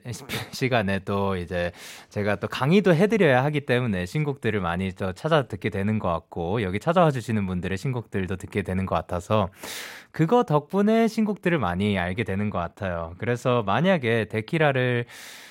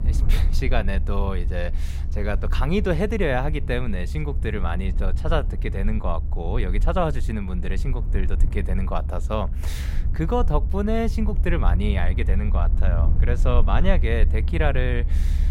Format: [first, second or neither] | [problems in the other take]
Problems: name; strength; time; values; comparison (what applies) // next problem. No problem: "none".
first | low rumble; noticeable; throughout; 15 dB below the speech